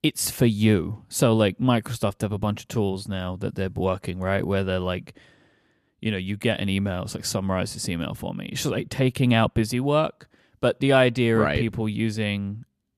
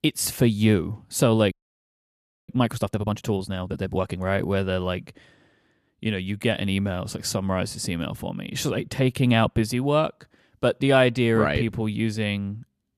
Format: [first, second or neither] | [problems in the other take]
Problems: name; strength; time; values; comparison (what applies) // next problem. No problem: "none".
first | audio freezing; at 1.5 s for 1 s